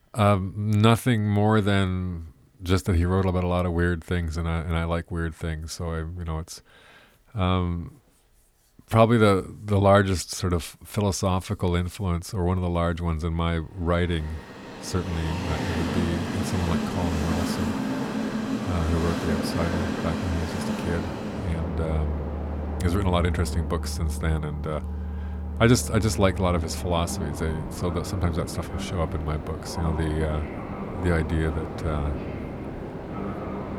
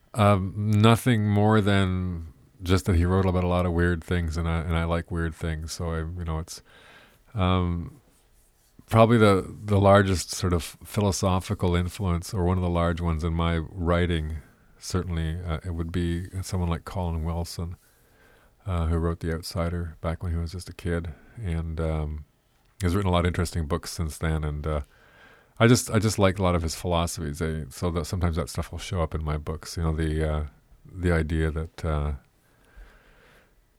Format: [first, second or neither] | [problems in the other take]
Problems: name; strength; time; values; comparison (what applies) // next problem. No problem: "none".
second | train or aircraft noise; loud; from 14 s on; 5 dB below the speech